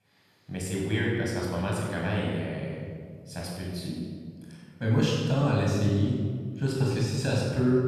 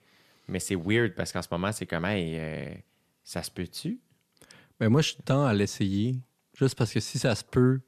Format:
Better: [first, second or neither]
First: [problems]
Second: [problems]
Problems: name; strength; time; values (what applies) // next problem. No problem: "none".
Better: second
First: room echo; strong; dies away in 1.8 s // off-mic speech; far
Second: none